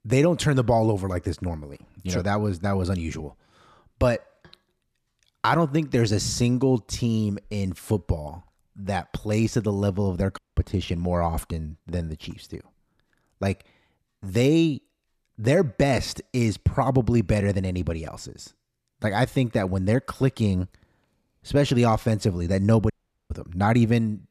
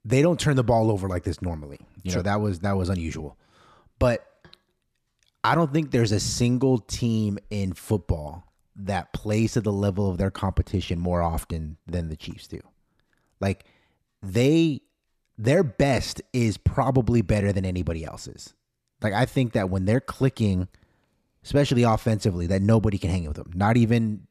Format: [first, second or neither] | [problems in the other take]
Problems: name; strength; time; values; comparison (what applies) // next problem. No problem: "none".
second | audio cutting out; at 10 s and at 23 s